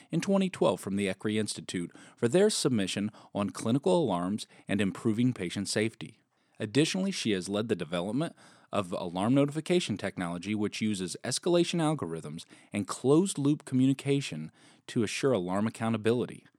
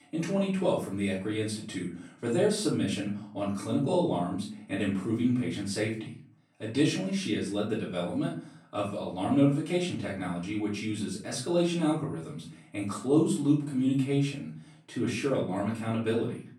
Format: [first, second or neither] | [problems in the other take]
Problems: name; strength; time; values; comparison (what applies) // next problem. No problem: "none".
first | off-mic speech; far // room echo; noticeable; dies away in 0.4 s